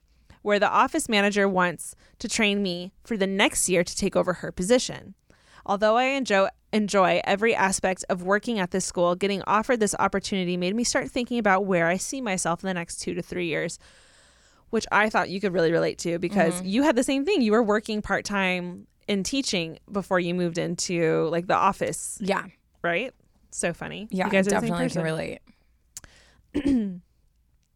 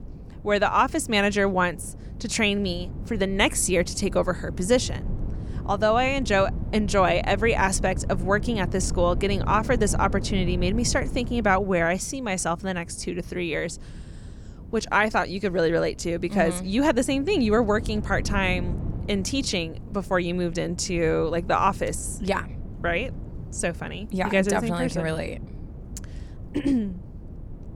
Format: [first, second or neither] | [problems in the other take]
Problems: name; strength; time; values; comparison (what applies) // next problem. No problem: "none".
first | wind noise on the microphone; occasional gusts; 20 dB below the speech